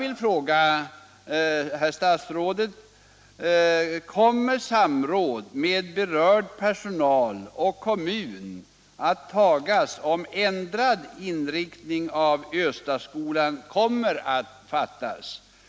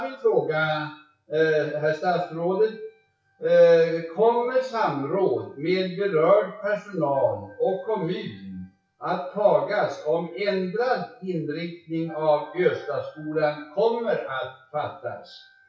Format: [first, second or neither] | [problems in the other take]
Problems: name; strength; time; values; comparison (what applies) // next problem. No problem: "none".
first | noise reduction (classical method WPE with log-MMSE)